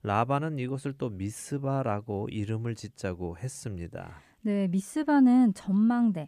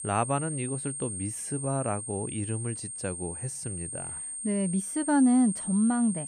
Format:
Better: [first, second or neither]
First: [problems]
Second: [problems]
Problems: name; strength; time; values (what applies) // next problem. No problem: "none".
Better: first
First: none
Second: high-pitched whine; loud; throughout; 8.5 kHz, 5 dB below the speech